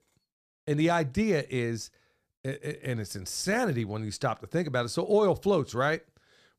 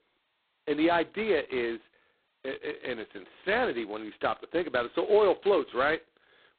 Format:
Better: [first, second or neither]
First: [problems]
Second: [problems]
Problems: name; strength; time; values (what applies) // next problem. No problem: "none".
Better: first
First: none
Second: phone-call audio; poor line; nothing above 4 kHz